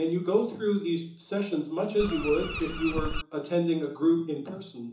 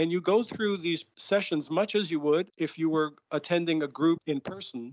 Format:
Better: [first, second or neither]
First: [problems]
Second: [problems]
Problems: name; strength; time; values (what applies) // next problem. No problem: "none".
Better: second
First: background sound (Bird); 5 dB below the speech // room echo; dies away in 0.8 s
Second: none